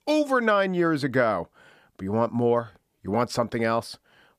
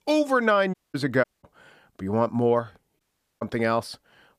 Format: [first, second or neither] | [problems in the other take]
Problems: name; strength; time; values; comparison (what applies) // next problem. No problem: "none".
first | audio cutting out; at 0.5 s, at 1 s and at 3 s